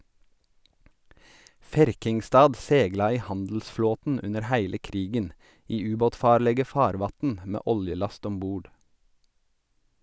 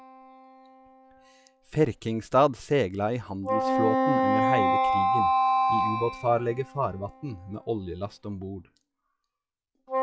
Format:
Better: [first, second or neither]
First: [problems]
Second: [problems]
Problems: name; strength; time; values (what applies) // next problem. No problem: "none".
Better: first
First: none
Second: noise reduction (classical method log-MMSE)